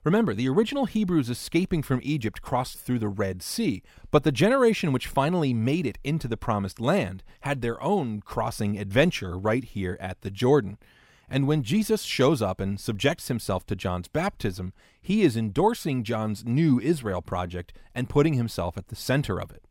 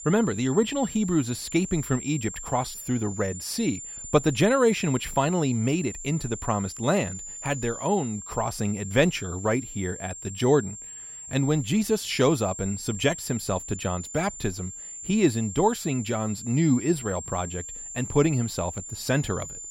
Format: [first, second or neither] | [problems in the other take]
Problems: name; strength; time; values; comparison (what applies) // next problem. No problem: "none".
first | high-pitched whine; noticeable; throughout; 7.5 kHz, 10 dB below the speech